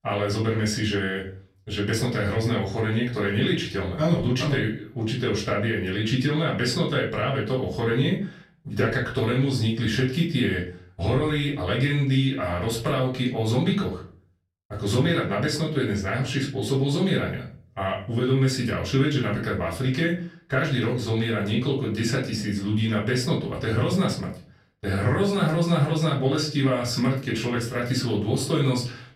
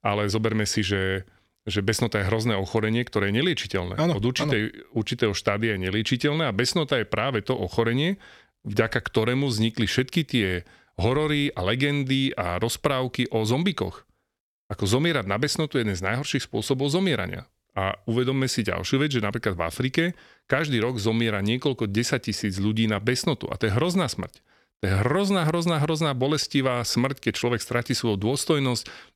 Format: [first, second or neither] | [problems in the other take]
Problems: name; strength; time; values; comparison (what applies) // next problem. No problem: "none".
second | off-mic speech; far // room echo; slight; dies away in 0.4 s